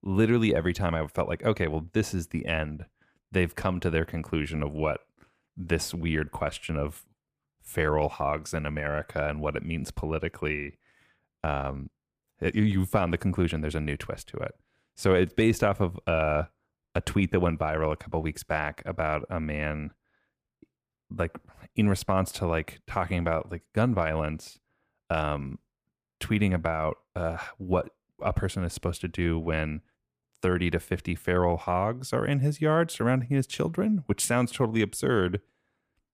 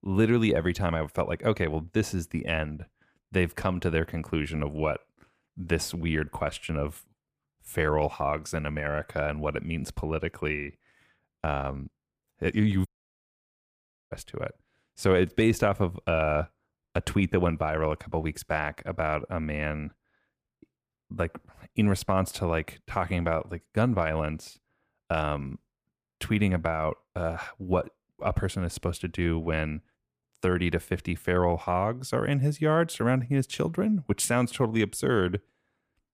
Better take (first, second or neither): first